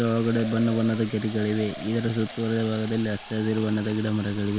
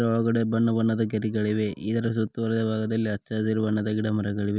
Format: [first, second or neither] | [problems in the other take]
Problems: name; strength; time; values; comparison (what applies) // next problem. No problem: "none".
second | background sound (Fill (with liquid)); 15 dB below the speech